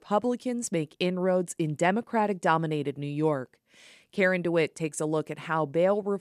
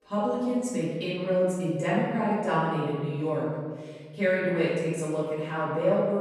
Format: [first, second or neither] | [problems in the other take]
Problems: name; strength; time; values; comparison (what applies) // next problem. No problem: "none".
first | off-mic speech; far // room echo; strong; dies away in 1.7 s